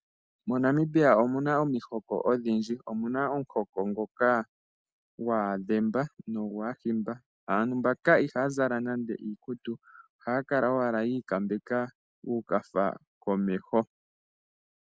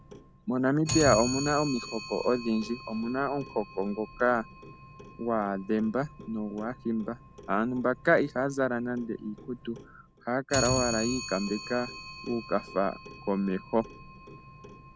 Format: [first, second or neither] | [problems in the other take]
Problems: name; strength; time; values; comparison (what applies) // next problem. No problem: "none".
first | background sound (Clock); 10 dB below the speech